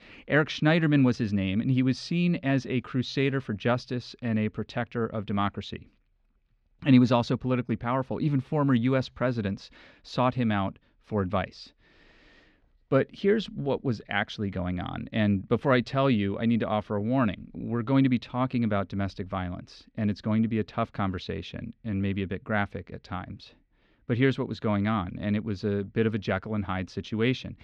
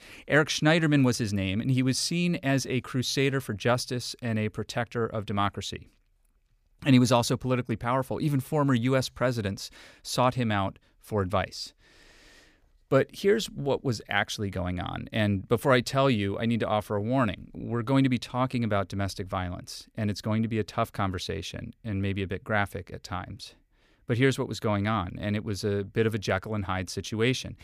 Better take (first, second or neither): second